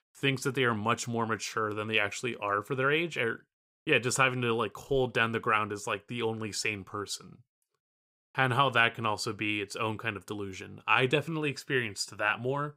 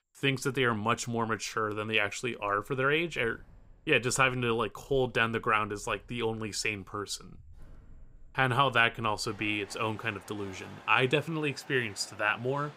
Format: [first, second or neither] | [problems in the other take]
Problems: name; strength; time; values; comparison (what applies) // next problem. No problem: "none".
first | animal sounds; faint; throughout; 25 dB below the speech